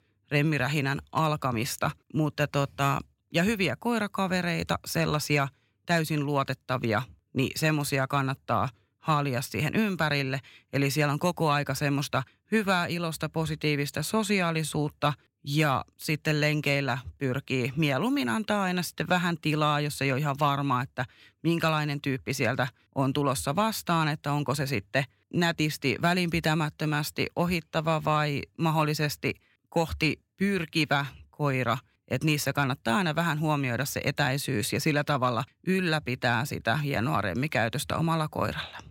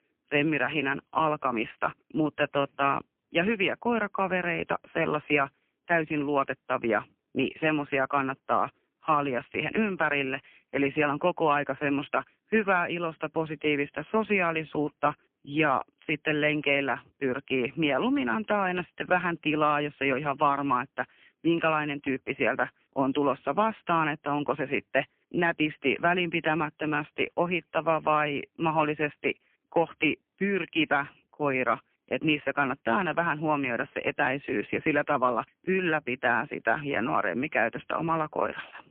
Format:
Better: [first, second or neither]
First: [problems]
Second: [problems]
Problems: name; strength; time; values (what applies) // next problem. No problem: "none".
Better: first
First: none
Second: phone-call audio; poor line; nothing above 3 kHz